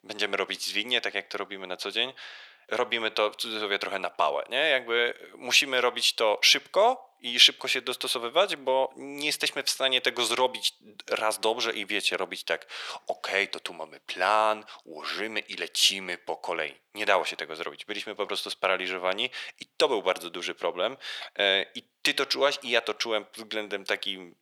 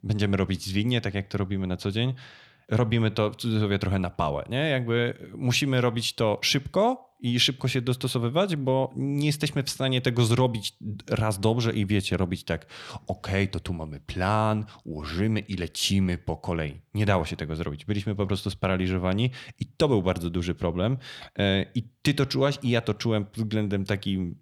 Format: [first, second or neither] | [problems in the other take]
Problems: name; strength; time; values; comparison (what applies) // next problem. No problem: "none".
second | thin; very; fading below 500 Hz